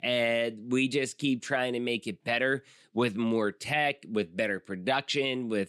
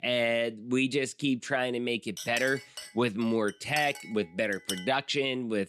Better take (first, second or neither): first